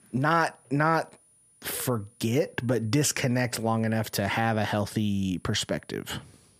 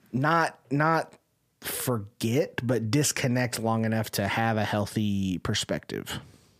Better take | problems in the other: second | high-pitched whine; faint; throughout; 9.5 kHz, 30 dB below the speech

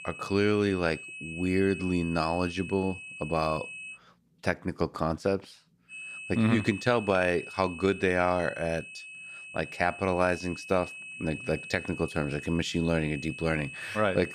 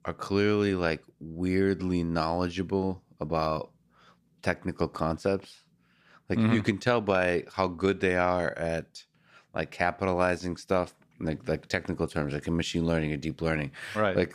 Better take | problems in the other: second | high-pitched whine; noticeable; until 4 s and from 6 s on; 2.5 kHz, 10 dB below the speech

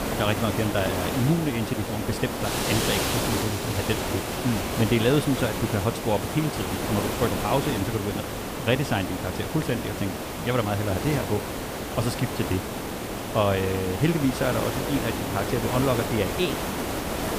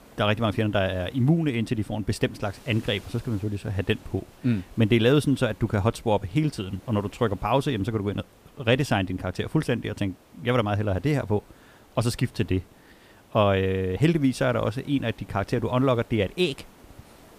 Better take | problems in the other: second | hiss; loud; throughout; 2 dB below the speech; faint in the second

